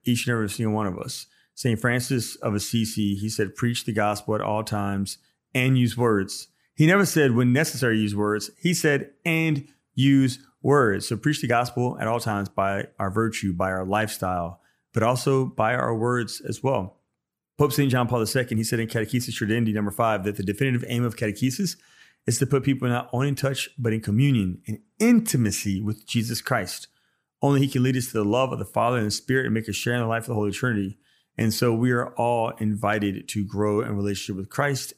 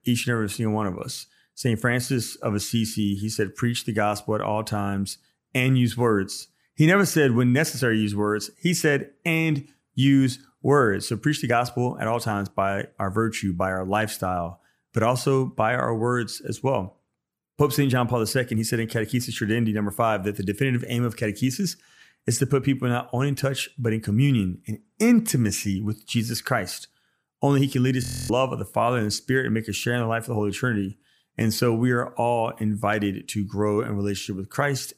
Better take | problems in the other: first | audio freezing; at 28 s

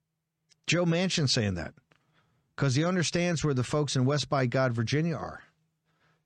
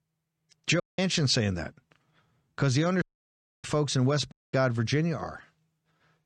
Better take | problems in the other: first | audio cutting out; at 1 s, at 3 s for 0.5 s and at 4.5 s

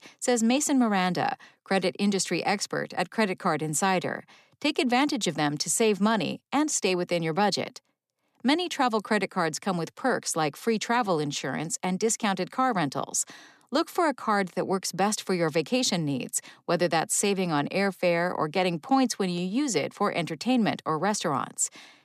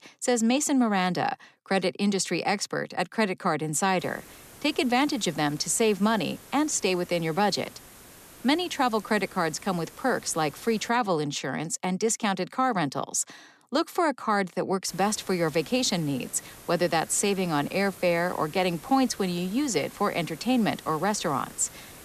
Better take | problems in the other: first | hiss; noticeable; from 4 to 11 s and from 15 s on; 20 dB below the speech

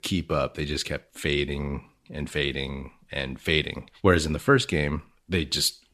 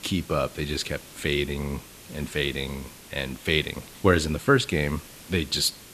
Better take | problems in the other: first | hiss; noticeable; throughout; 20 dB below the speech

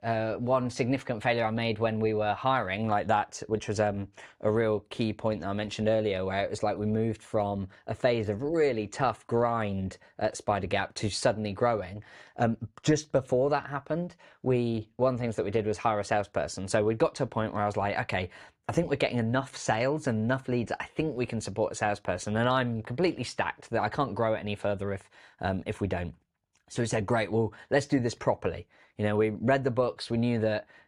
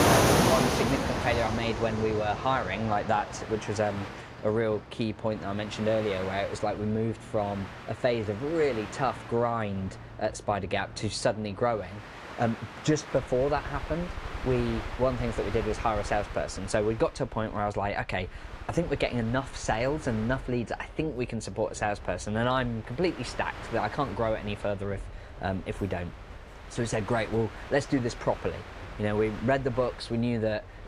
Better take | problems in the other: first | train or aircraft noise; loud; throughout; 6 dB below the speech

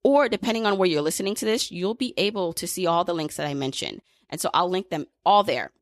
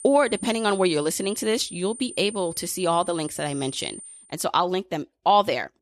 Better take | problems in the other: first | high-pitched whine; noticeable; until 4 s; 9 kHz, 15 dB below the speech

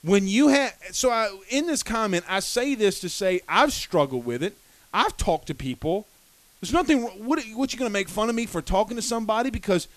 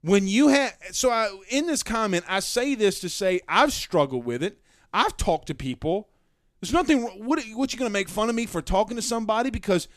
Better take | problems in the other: second | hiss; faint; throughout; 30 dB below the speech

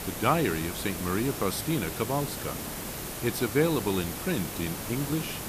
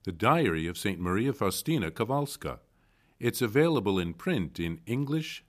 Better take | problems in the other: second | hiss; loud; throughout; 5 dB below the speech

